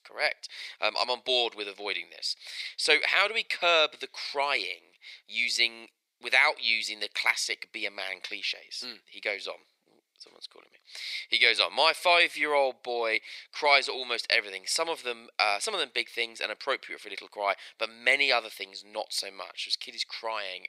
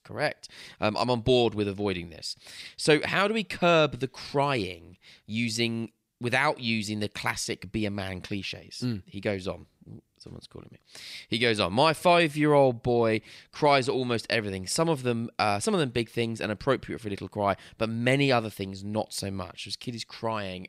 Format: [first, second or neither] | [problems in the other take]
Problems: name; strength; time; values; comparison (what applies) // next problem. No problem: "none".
second | thin; very; fading below 500 Hz